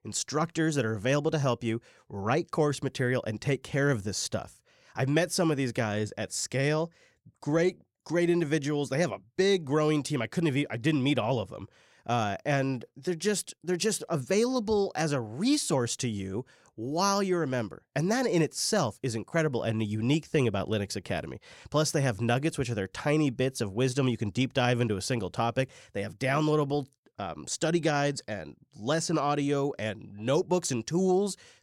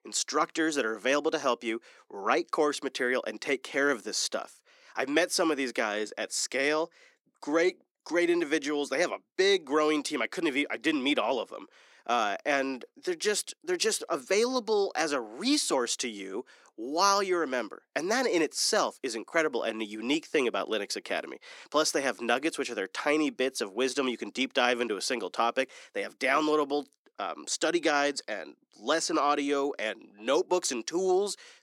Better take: first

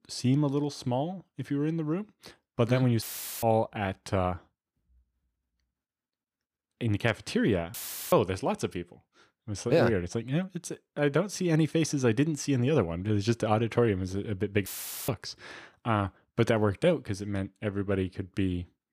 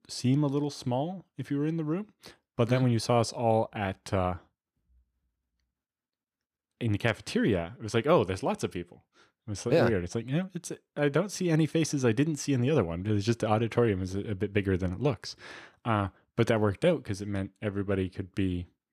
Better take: second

